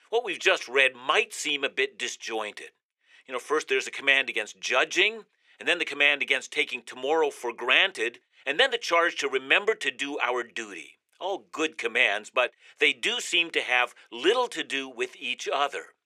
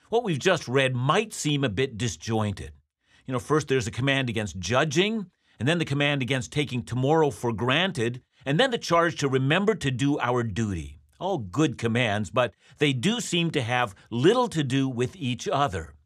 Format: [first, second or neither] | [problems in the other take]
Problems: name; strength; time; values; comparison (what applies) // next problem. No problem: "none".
second | thin; very; fading below 400 Hz